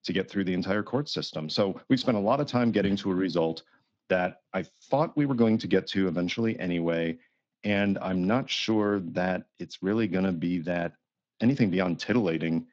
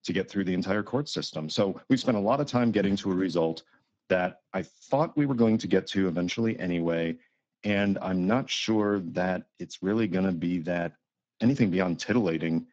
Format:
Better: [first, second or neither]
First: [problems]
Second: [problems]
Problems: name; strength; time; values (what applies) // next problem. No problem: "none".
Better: first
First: garbled, watery; slightly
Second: garbled, watery; badly